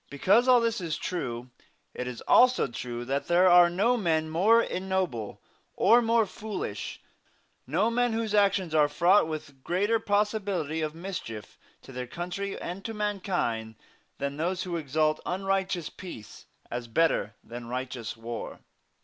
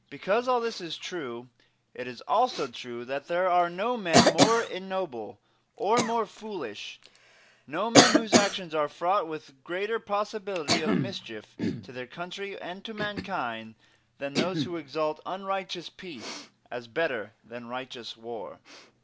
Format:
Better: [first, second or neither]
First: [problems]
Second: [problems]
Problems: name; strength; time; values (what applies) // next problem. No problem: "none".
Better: first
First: none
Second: background sound (Cough); as loud as the speech